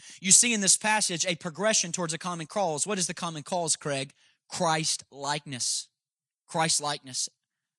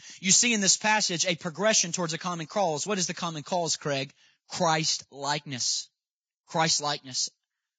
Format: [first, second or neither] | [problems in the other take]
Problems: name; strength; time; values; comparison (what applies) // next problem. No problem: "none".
first | garbled, watery; badly; nothing above 7.5 kHz; slightly in the first